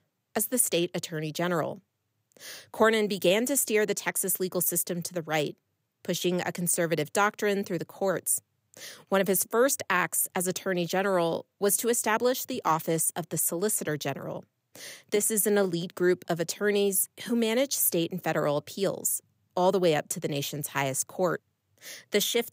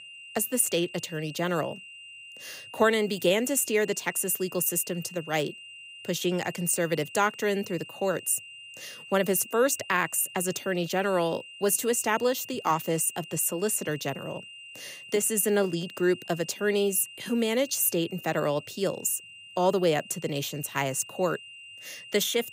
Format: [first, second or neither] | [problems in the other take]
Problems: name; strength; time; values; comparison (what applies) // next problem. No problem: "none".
first | high-pitched whine; noticeable; throughout; 3 kHz, 15 dB below the speech